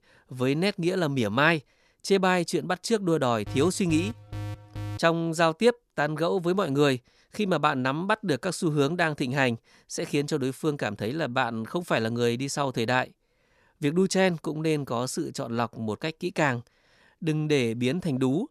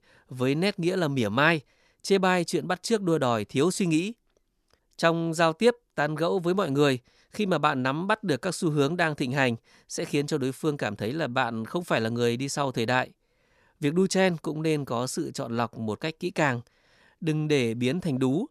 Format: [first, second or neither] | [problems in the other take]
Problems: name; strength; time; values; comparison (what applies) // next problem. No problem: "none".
second | alarm; faint; from 3.5 to 5 s; peak 10 dB below the speech